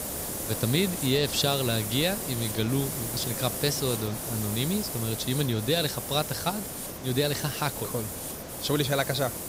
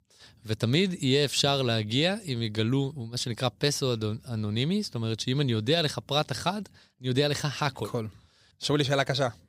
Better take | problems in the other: second | hiss; loud; throughout; 4 dB below the speech

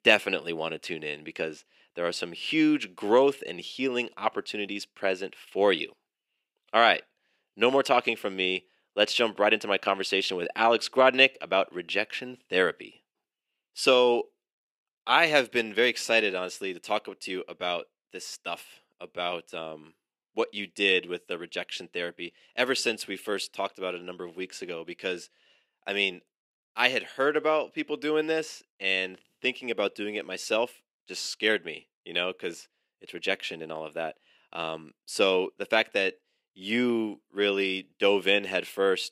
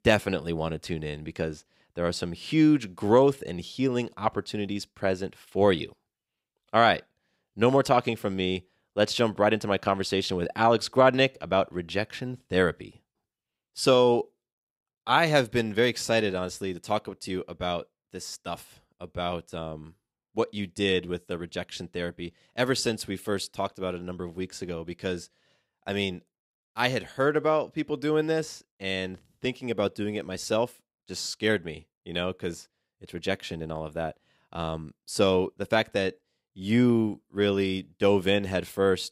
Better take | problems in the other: second | thin; very slightly; fading below 350 Hz

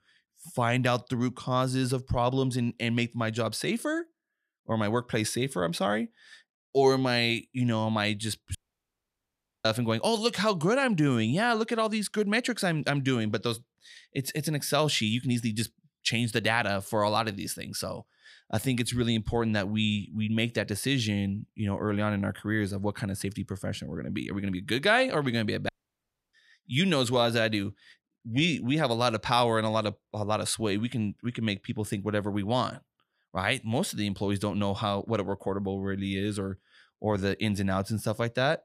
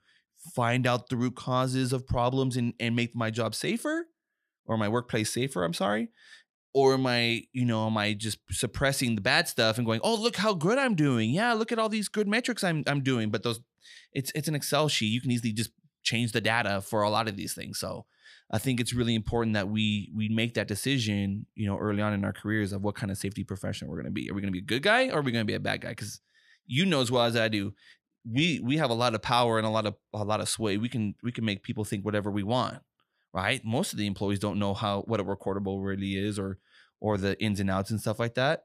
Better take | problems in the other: second | audio cutting out; at 8.5 s for 1 s and at 26 s for 0.5 s

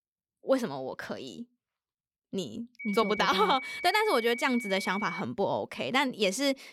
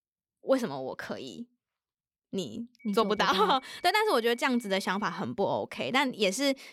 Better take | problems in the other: second | high-pitched whine; loud; from 3 to 5 s; 2.5 kHz, 9 dB below the speech; faint in the second

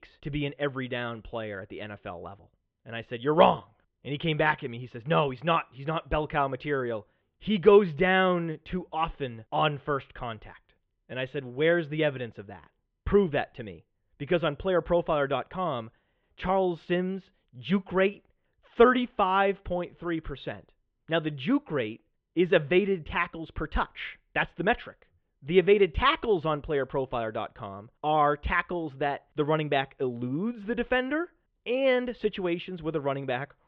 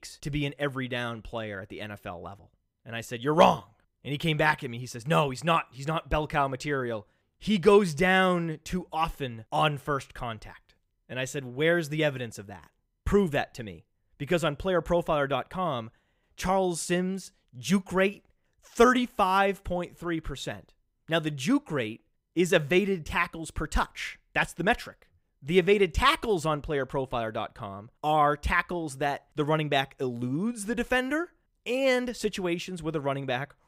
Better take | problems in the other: second | muffled; very; fading above 3.5 kHz

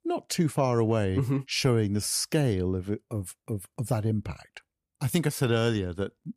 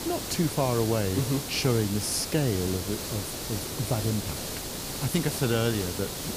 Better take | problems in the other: first | hiss; loud; throughout; 4 dB below the speech

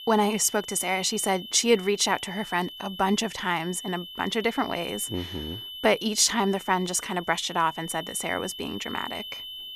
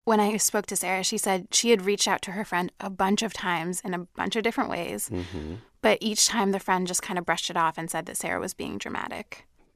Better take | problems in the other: second | high-pitched whine; noticeable; throughout; 3 kHz, 10 dB below the speech

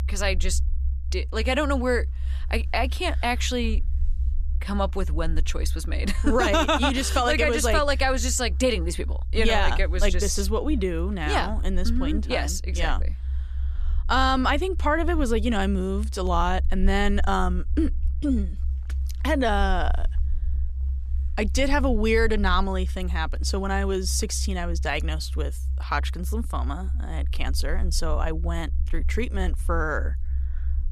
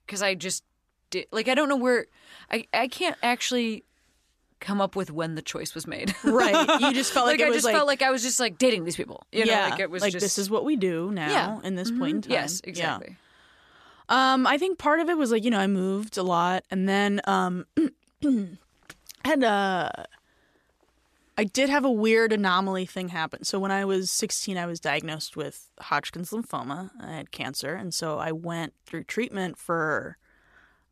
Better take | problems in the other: second | low rumble; faint; throughout; 25 dB below the speech

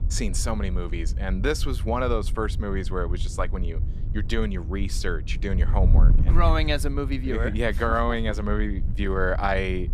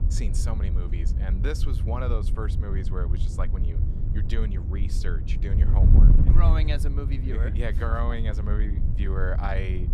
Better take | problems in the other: first | wind noise on the microphone; heavy; 5 dB below the speech; occasional gusts in the first

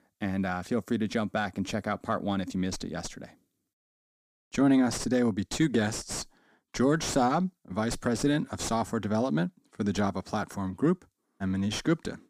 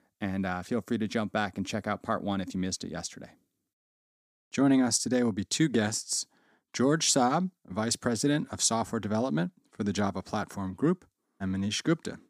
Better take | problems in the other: second | distortion; slight; 8 dB below the speech

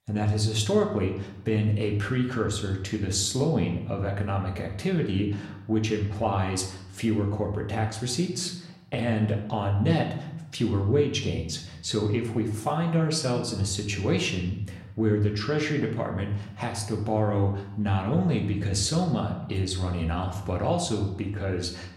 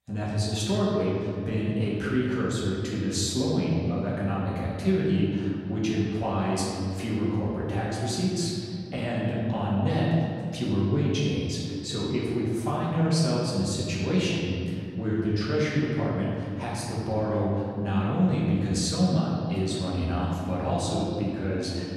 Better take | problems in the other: first | room echo; strong; dies away in 2.4 s; slight in the first // off-mic speech; far

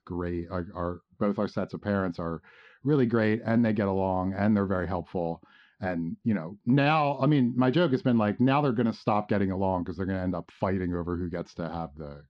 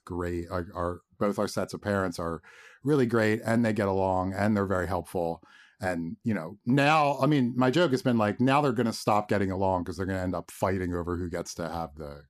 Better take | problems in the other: second | muffled; very slightly; fading above 4 kHz

